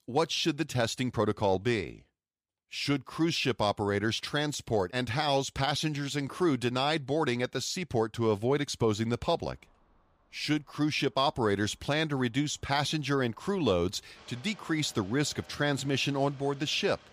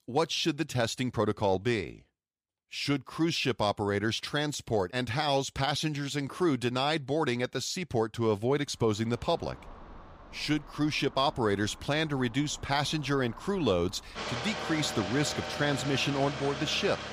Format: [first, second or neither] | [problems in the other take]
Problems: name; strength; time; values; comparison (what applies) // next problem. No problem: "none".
first | traffic noise; loud; from 9 s on; 8 dB below the speech; faint in the first